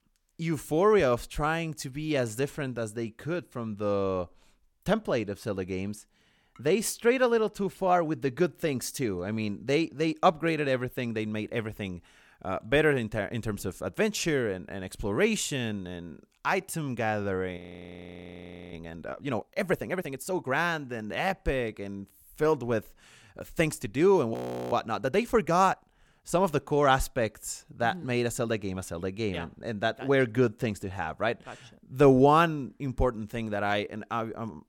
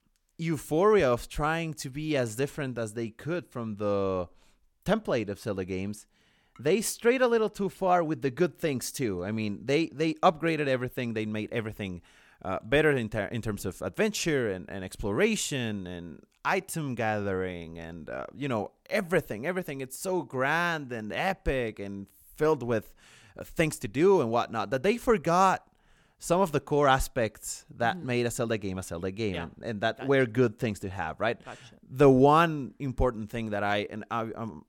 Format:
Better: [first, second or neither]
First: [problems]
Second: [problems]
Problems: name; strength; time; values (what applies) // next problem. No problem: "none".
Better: second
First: audio freezing; at 18 s for 1 s and at 24 s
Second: none